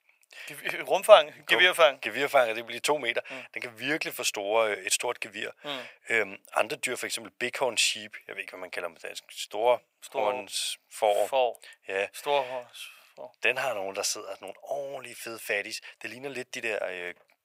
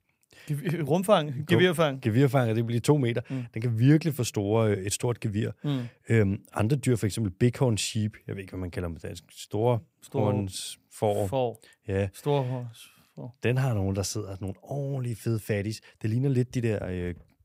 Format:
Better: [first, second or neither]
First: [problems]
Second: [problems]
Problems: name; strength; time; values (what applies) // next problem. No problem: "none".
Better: second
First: thin; very; fading below 850 Hz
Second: none